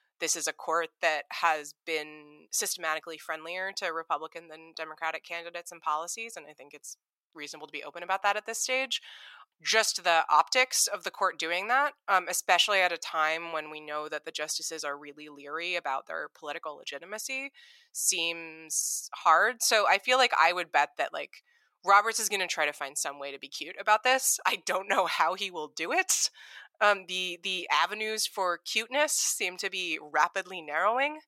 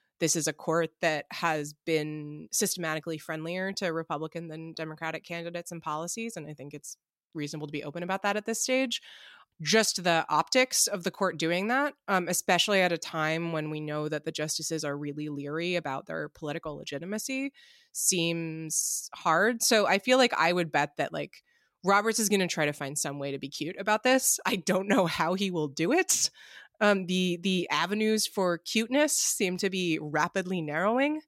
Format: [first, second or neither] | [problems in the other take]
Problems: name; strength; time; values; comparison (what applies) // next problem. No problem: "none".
second | thin; very; fading below 600 Hz